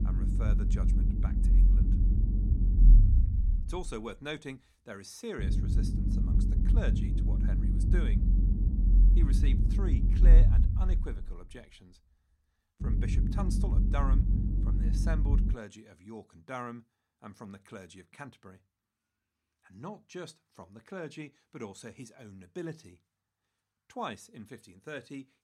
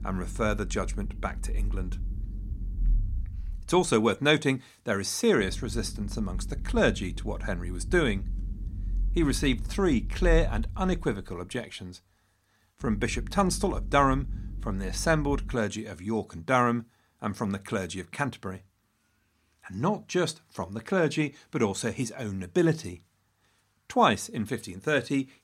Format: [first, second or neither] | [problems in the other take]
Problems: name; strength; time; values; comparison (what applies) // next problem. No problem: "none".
second | low rumble; loud; until 16 s; 1 dB below the speech; faint in the second